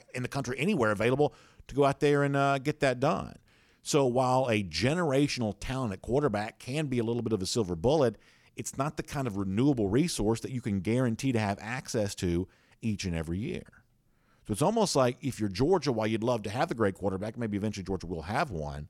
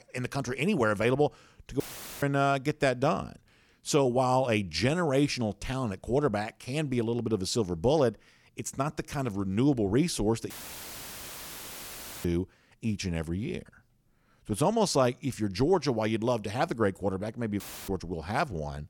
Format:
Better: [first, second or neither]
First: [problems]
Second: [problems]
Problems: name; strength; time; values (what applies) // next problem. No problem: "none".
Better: first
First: none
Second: audio cutting out; filled with static; at 2 s, at 11 s for 1.5 s and at 18 s